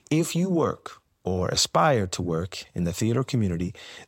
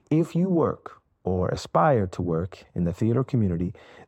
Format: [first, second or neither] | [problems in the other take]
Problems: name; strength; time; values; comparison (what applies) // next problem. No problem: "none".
first | muffled; very; fading above 2 kHz